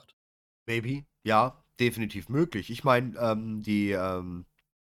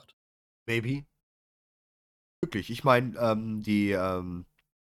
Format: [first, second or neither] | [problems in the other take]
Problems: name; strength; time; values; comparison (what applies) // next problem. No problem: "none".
first | audio cutting out; at 1 s for 1 s